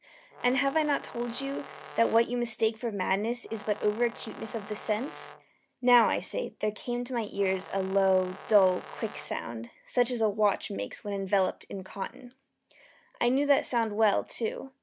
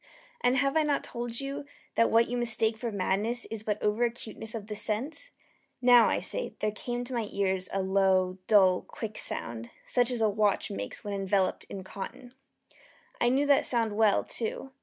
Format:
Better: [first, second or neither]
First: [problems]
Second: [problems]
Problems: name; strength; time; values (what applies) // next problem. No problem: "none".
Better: second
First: background sound (Brass instrument); 17 dB below the speech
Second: none